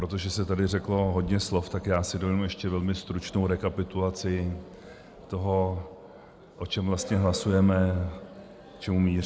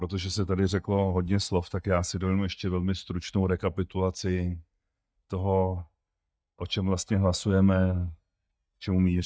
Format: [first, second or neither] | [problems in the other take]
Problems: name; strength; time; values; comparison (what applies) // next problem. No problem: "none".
first | noise reduction (neural mask model DeepFilterNet 3)